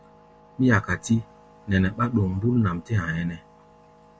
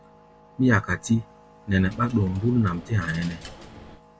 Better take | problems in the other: first | background sound (Coin (dropping)); 18 dB below the speech

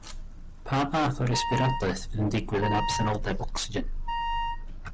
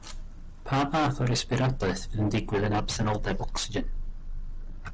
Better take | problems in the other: second | background sound (Wind instrument, woodwind instrument); 5 dB below the speech

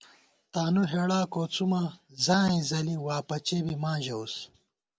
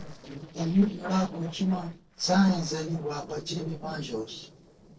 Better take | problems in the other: first | noise reduction (neural separator model SepFormer DNS4)

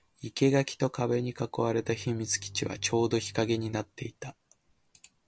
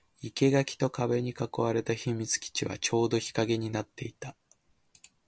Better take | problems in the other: second | background sound (Bowed string instrument); 19 dB below the speech

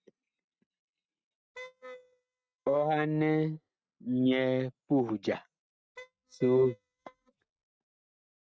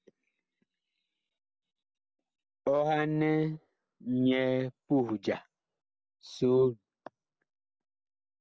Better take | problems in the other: second | noise reduction (neural mask model RNNoise)

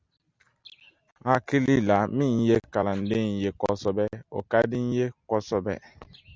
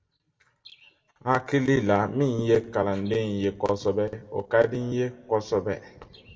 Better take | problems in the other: first | room echo; dies away in 1.1 s

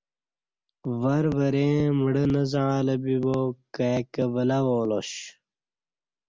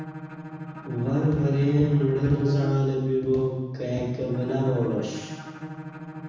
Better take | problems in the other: first | background sound (Bowed string instrument); 13 dB below the speech // room echo; dies away in 1.1 s

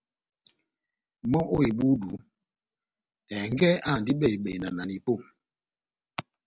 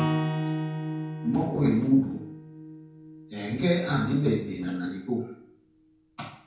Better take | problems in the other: first | background sound (Acoustic guitar / Strum); 6 dB below the speech // room echo; dies away in 0.5 s

